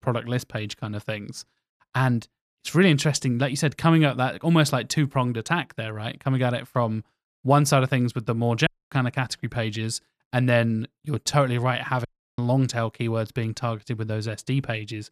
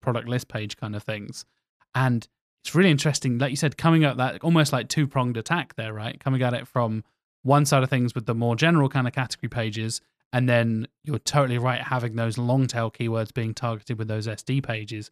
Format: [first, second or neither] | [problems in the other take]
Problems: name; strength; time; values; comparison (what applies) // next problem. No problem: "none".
second | audio cutting out; at 8.5 s and at 12 s